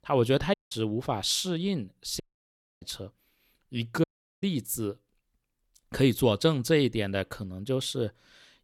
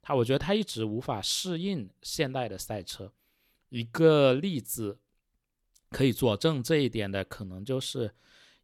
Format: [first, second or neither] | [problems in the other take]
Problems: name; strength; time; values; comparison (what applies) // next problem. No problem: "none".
second | audio cutting out; at 0.5 s, at 2 s for 0.5 s and at 4 s